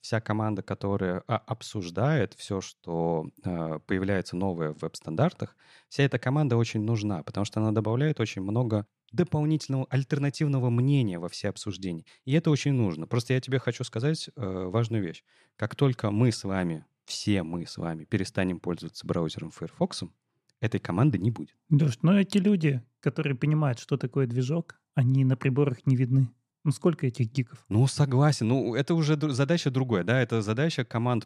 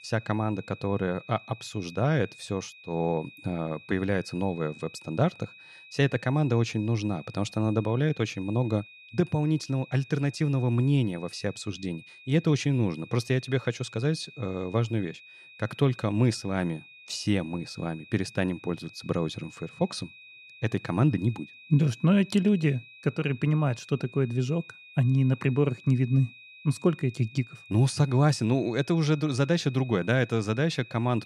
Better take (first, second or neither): first